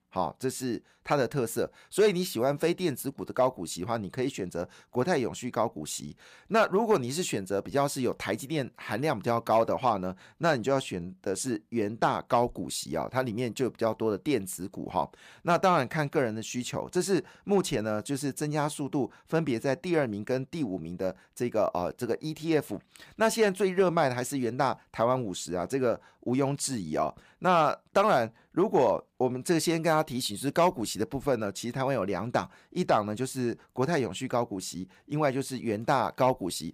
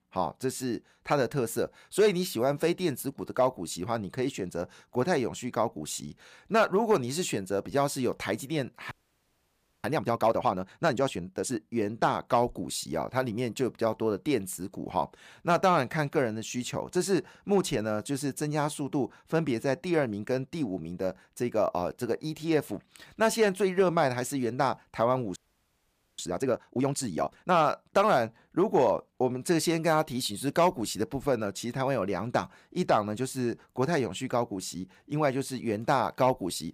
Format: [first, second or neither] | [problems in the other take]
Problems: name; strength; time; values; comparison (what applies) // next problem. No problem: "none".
first | audio freezing; at 9 s for 1 s and at 25 s for 1 s